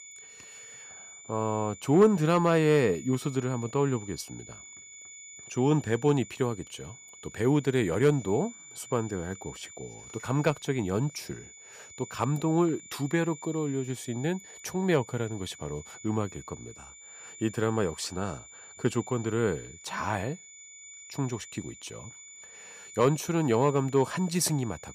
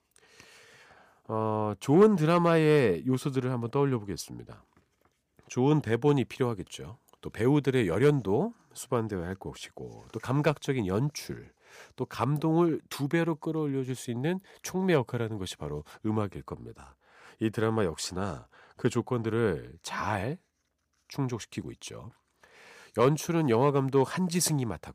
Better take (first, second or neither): second